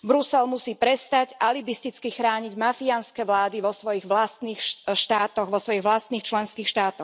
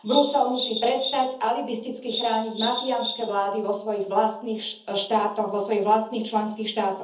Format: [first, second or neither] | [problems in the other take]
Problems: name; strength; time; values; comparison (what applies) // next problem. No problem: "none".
first | background sound (Bird vocalization, bird call, bird song); 7 dB below the speech // room echo; dies away in 0.7 s